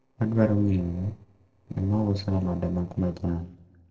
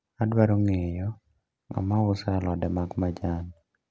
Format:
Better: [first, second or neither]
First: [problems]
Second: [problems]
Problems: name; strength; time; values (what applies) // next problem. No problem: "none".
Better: second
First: noise reduction (neural separator model SepFormer DNS4)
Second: none